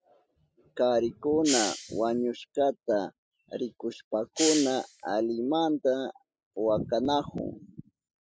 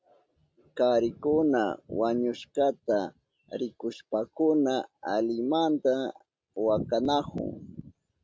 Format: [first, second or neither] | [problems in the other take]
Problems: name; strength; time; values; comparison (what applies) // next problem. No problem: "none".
second | noise reduction (classical method spectral subtraction)